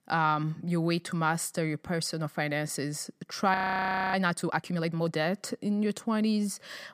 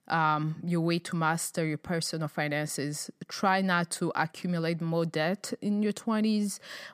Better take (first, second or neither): second